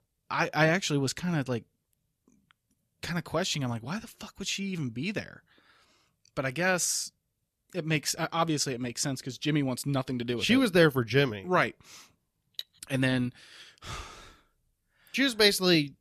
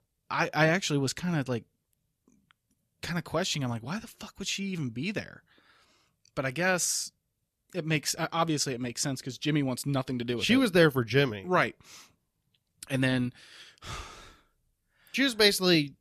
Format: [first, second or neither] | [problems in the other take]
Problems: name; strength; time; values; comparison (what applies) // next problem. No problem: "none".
second | clattering dishes; very faint; at 13 s; peak 15 dB below the speech